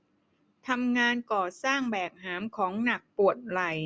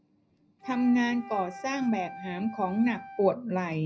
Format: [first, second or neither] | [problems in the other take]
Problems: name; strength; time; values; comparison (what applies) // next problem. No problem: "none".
first | background sound (Wind instrument, woodwind instrument); 15 dB below the speech // room echo; dies away in 0.4 s